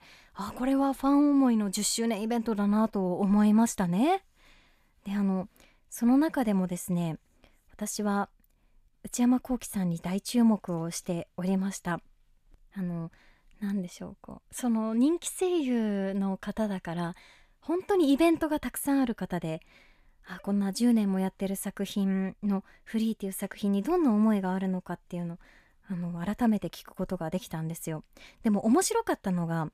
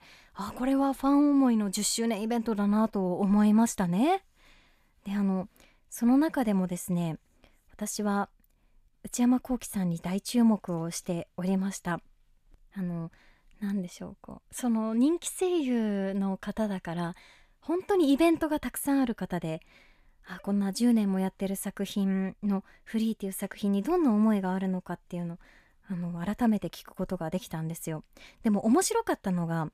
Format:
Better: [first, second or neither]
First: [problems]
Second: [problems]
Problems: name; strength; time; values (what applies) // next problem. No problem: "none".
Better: neither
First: none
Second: none